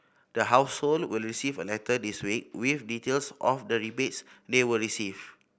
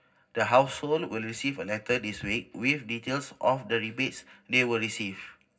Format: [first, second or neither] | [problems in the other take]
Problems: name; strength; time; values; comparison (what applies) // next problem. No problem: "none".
first | room echo; dies away in 0.4 s